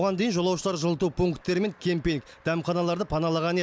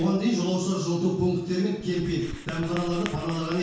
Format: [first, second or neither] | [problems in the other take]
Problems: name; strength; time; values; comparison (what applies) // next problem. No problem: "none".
first | background sound (Writing); 17 dB below the speech // room echo; dies away in 0.6 s